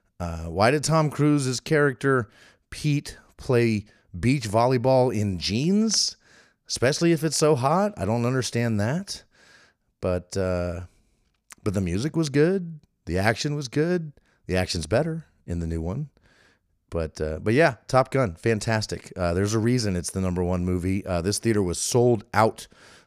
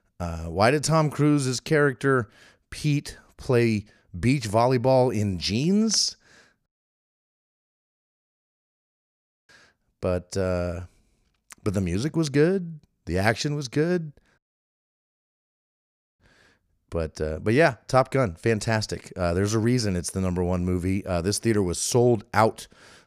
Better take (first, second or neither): first